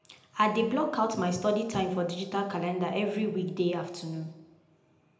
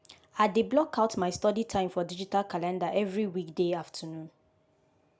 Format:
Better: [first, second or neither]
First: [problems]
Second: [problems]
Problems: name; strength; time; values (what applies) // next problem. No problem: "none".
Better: second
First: room echo; dies away in 0.7 s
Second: none